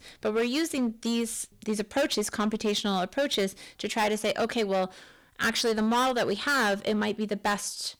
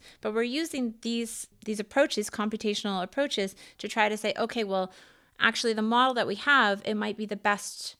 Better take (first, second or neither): second